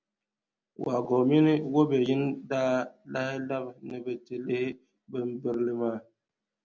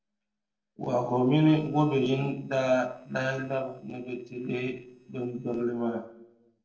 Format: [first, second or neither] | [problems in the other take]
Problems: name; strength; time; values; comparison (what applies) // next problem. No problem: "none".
first | noise reduction (neural separator model SepFormer DNS4)